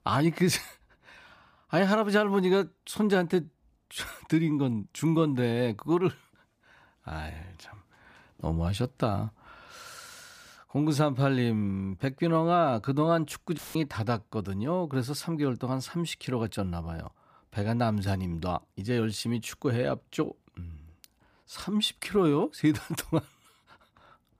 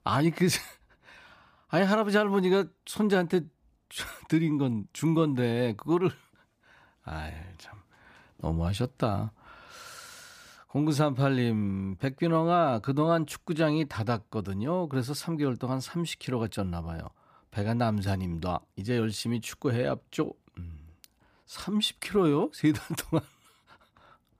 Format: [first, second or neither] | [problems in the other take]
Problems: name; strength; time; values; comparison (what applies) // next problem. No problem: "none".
second | audio cutting out; filled with static; at 14 s